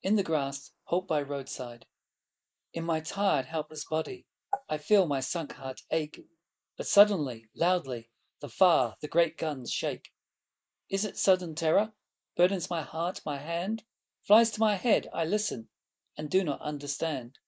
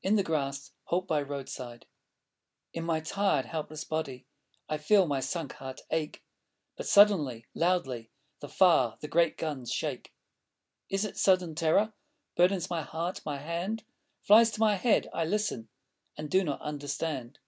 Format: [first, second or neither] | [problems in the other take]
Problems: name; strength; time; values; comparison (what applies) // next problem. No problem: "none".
second | noise reduction (neural mask model Resemble Enhance denoiser)